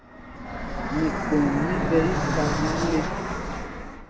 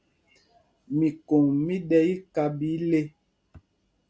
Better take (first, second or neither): second